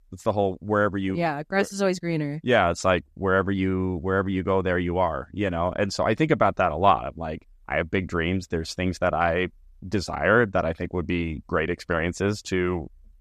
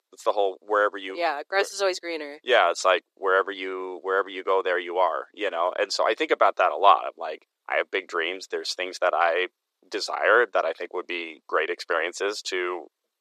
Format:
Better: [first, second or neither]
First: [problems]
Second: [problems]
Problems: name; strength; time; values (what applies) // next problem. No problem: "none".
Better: first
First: none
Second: thin; very; fading below 350 Hz